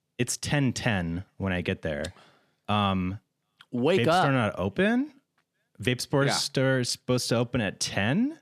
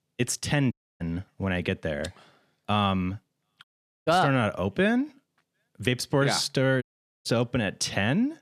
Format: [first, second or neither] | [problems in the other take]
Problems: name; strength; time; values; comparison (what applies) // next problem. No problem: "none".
first | audio cutting out; at 0.5 s, at 3.5 s and at 7 s